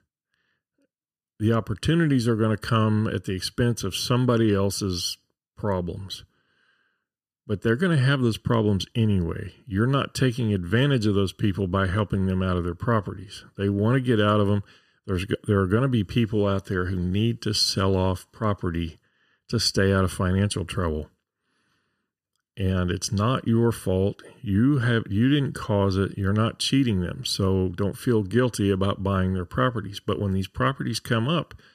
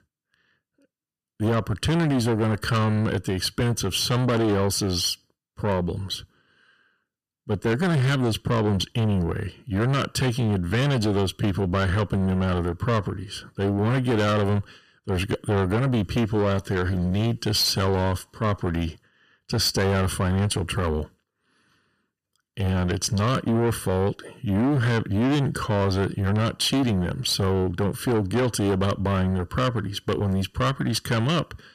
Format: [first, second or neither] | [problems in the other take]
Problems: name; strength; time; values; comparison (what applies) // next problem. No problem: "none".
first | distortion; heavy; 7 dB below the speech